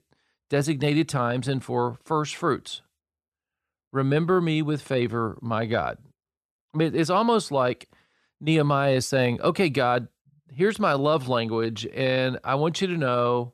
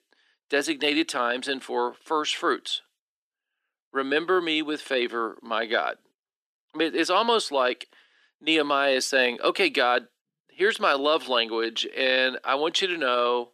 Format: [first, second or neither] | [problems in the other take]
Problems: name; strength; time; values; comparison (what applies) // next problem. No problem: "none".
first | thin; somewhat; fading below 300 Hz